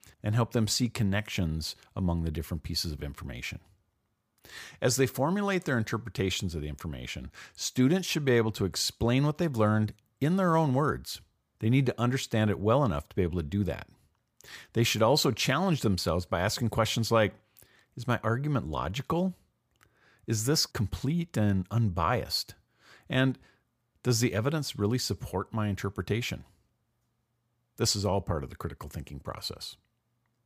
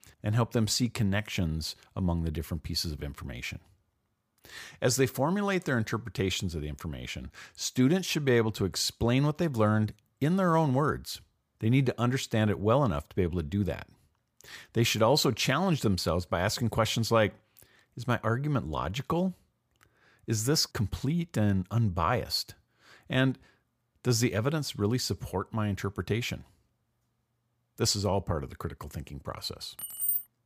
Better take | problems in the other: first | jangling keys; loud; at 30 s; peak 1 dB above the speech

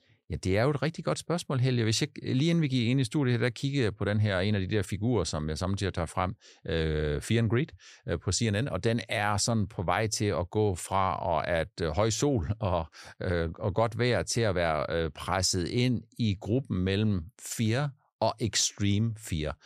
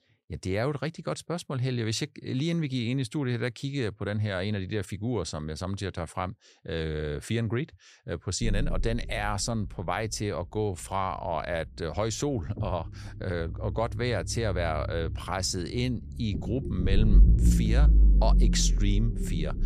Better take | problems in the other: first | low rumble; noticeable; from 8.5 s on; 10 dB below the speech

